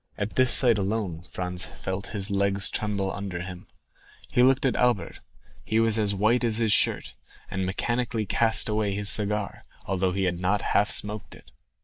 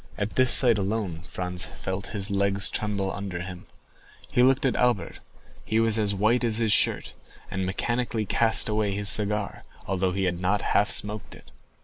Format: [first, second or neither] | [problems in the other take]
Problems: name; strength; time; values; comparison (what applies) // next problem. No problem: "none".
second | noise reduction (neural mask model DeepFilterNet 3)